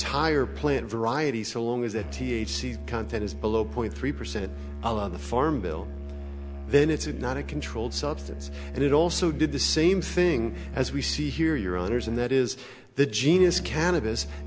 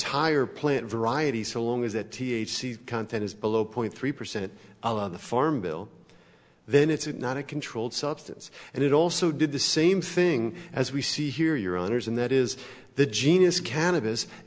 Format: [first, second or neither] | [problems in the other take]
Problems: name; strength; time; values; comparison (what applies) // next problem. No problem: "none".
second | background sound (Musical instrument); 9 dB below the speech